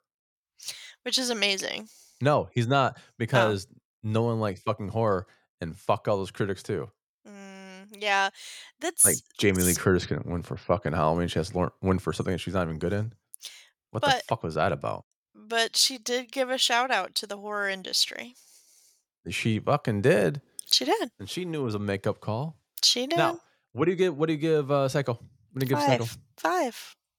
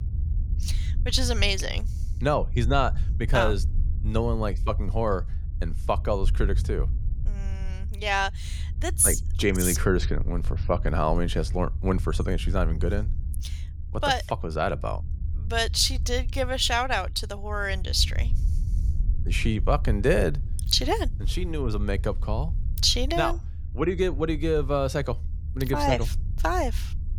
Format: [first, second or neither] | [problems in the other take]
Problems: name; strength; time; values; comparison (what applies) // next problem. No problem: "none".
first | low rumble; faint; throughout; 20 dB below the speech